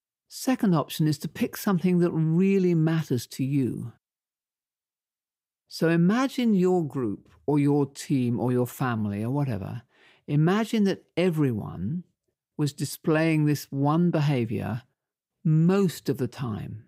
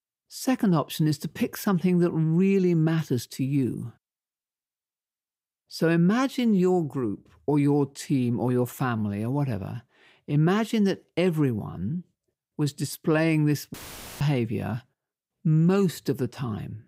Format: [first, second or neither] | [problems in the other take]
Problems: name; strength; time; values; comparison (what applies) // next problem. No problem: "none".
first | audio cutting out; filled with static; at 14 s